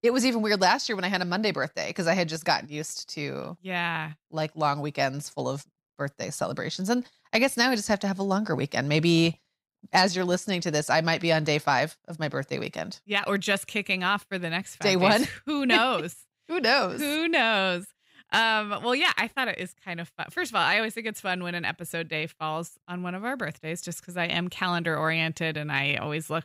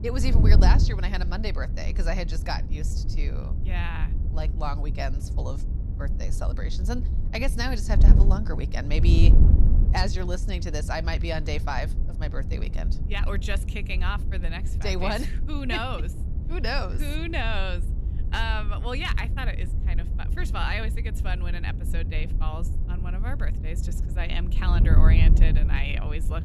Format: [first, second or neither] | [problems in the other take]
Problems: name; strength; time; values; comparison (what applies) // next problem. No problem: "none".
first | wind noise on the microphone; heavy; 9 dB below the speech